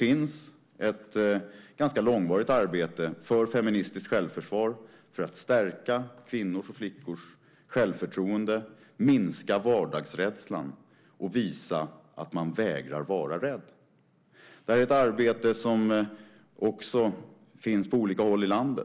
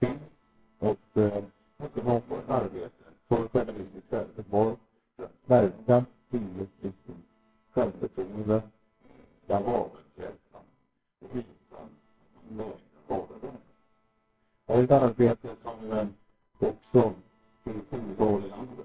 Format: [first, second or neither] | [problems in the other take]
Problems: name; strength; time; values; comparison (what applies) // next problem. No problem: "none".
first | noise reduction (neural separator model SepFormer WHAMR!)